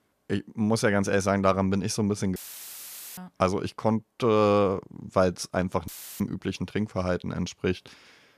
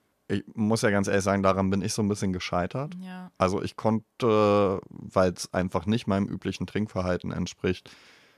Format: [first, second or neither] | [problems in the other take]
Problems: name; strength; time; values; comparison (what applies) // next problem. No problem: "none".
second | audio cutting out; filled with static; at 2.5 s for 1 s and at 6 s